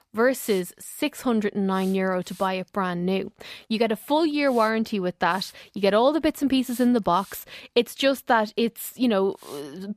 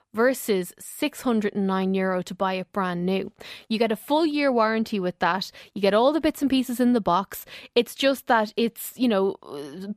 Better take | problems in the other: second | hiss; faint; throughout; 25 dB below the speech

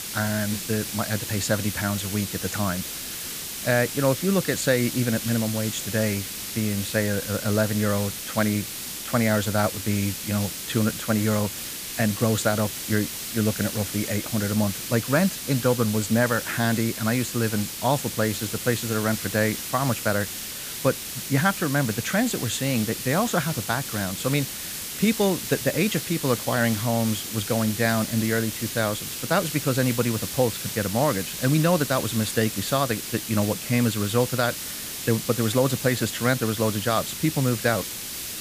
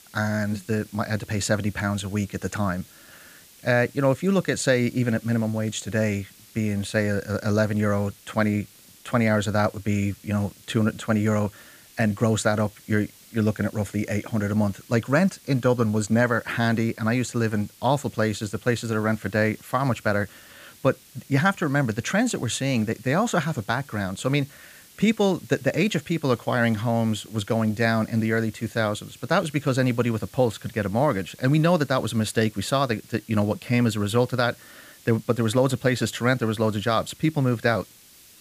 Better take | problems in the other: second | hiss; loud; throughout; 5 dB below the speech; faint in the second

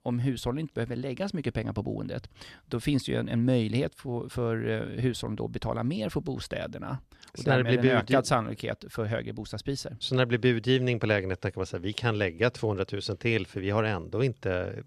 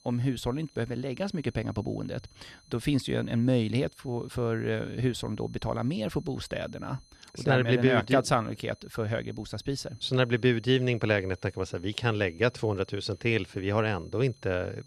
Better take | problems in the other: first | high-pitched whine; faint; throughout; 4 kHz, 30 dB below the speech

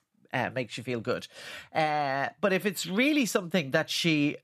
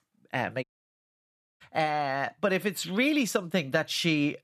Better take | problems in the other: first | audio cutting out; at 0.5 s for 1 s

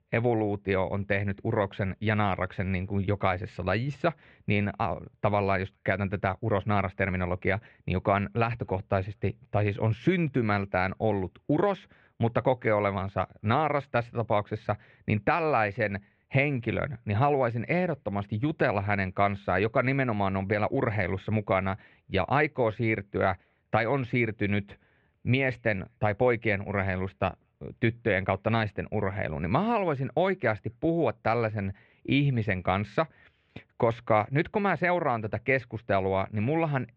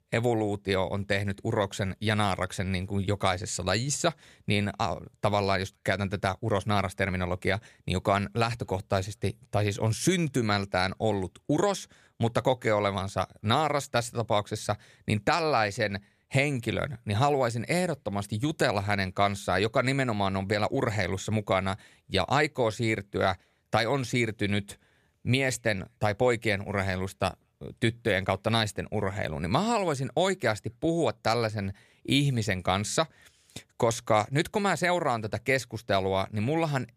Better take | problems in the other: second | muffled; very; fading above 2.5 kHz

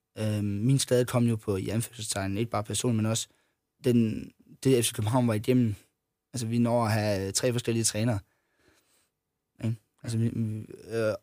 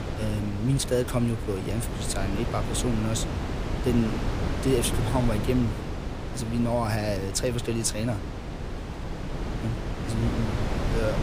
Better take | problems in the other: first | wind noise on the microphone; heavy; 5 dB below the speech

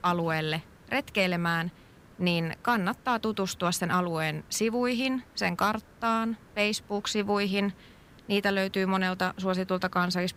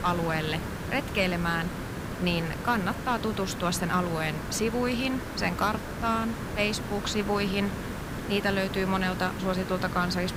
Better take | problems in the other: first | hiss; loud; throughout; 6 dB below the speech; faint in the first

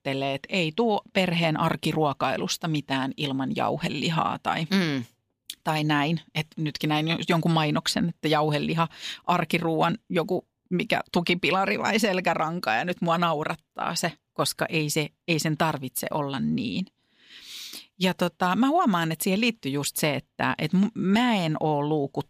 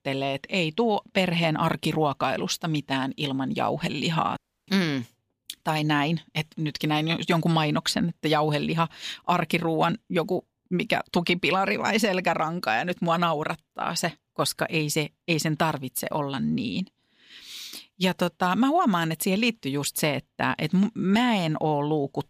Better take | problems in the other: first | audio cutting out; at 4.5 s

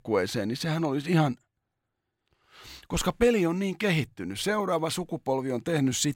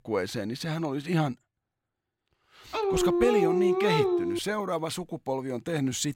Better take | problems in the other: first | dog barking; loud; from 2.5 to 4.5 s; peak 5 dB above the speech

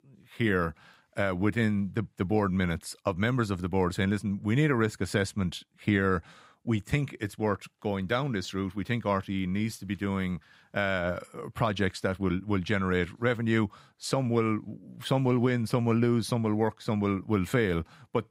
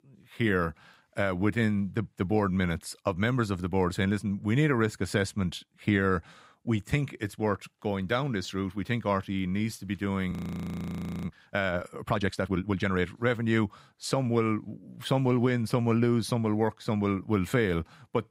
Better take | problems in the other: first | audio freezing; at 10 s for 1 s

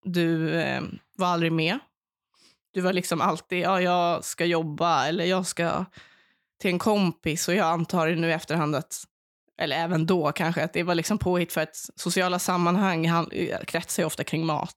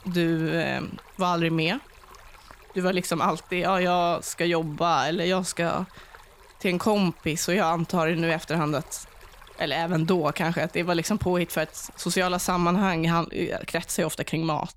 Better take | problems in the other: first | rain or running water; faint; throughout; 25 dB below the speech

